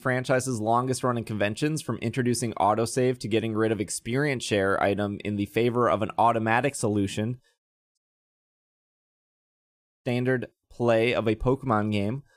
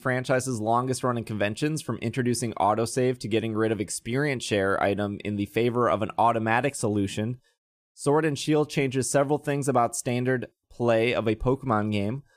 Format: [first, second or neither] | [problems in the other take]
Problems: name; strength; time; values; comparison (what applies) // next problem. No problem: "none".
second | audio cutting out; at 8 s for 2 s